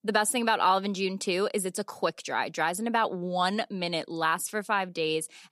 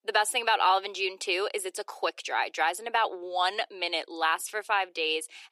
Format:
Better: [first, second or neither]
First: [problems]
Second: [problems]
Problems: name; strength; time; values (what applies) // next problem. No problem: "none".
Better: first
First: none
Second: thin; very; fading below 350 Hz